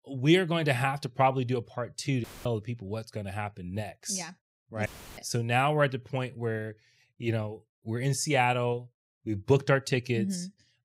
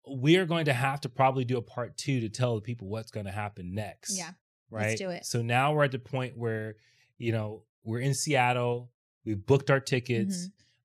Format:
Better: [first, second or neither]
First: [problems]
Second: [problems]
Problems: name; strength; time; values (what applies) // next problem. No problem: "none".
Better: second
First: audio cutting out; filled with static; at 2 s and at 5 s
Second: none